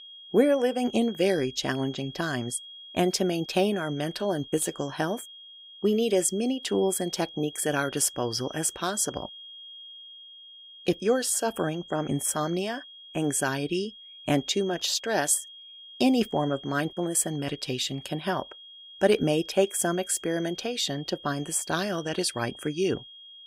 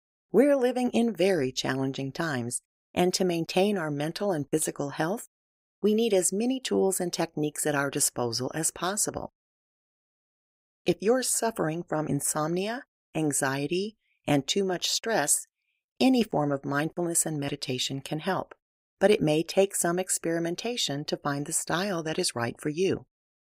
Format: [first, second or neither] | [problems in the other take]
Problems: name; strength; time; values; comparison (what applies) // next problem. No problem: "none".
second | high-pitched whine; noticeable; throughout; 3.5 kHz, 15 dB below the speech